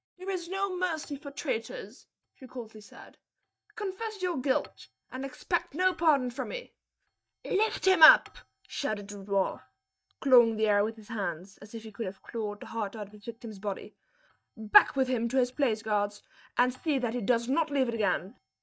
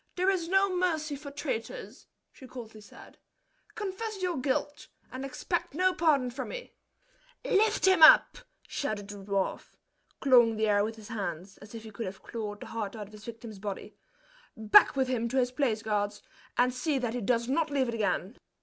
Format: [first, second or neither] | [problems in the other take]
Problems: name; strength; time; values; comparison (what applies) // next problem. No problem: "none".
second | noise reduction (neural mask model DeepFilterNet 3)